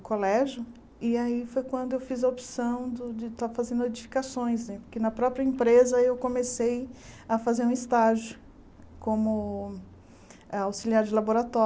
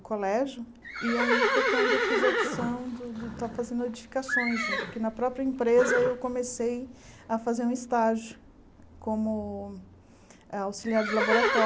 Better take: first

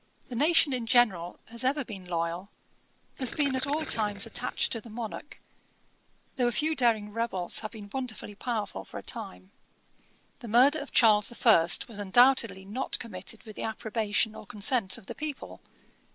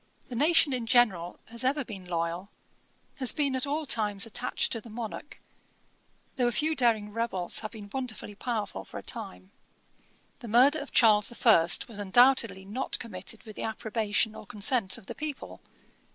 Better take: second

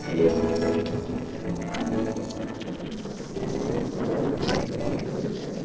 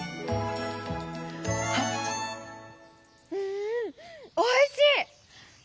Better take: second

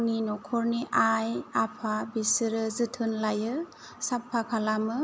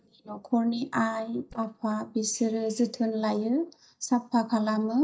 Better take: first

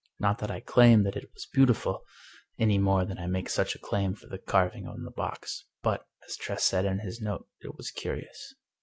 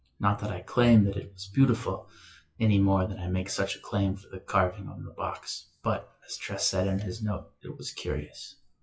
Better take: first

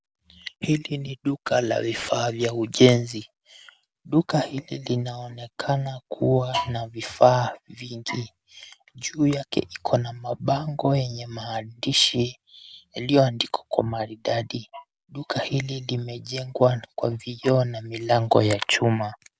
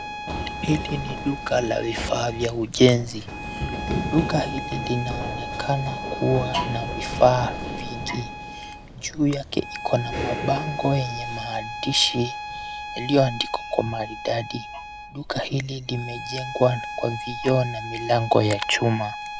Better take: first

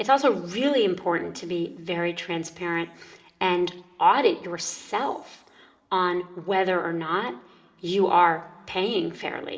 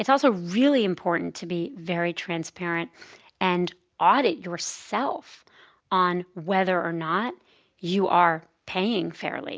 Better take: second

